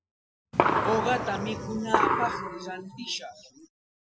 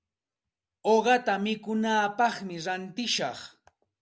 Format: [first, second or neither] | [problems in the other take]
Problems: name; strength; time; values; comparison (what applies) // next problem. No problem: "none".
second | noise reduction (classical method Wiener filter)